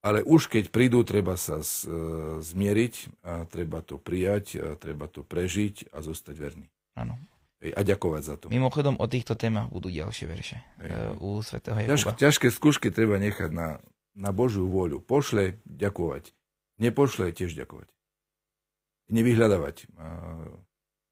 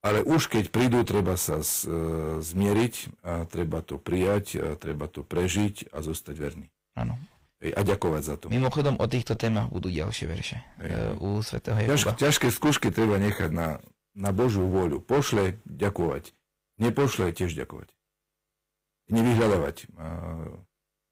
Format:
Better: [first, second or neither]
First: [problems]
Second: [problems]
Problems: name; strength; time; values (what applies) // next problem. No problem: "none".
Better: first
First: none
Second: distortion; heavy; 9% of the sound clipped